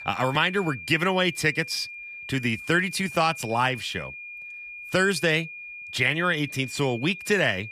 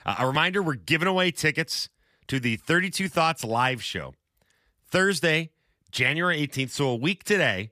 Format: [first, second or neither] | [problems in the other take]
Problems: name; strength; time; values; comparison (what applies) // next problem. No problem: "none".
second | high-pitched whine; noticeable; throughout; 2.5 kHz, 10 dB below the speech